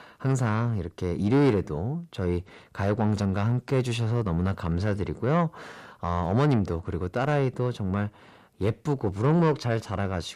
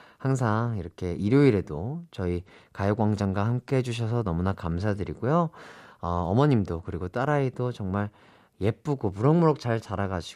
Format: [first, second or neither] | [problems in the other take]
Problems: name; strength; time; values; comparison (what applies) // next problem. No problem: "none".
second | distortion; slight; 10 dB below the speech